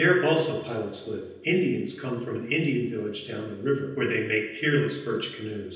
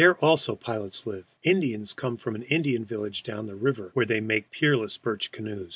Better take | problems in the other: second | room echo; dies away in 0.9 s

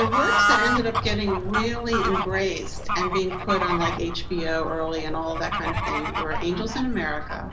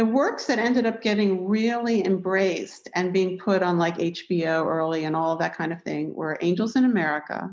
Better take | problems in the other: second | background sound (Bird / Fowl); 1 dB above the speech // room echo; dies away in 0.2 s

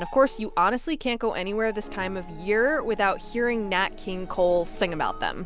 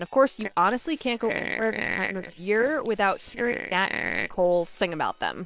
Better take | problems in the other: first | noise reduction (neural separator model SepFormer WHAM!)

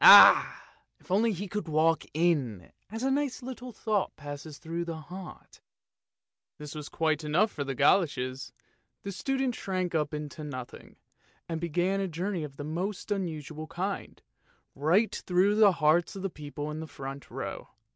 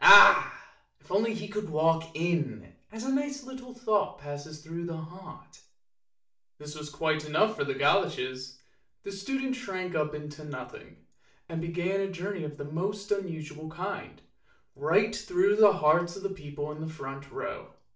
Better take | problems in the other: first | room echo; dies away in 0.4 s

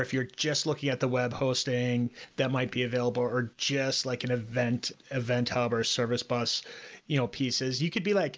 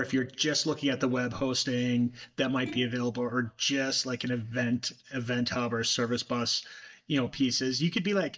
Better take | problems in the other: first | noise reduction (neural mask model DeepFilterNet 3)

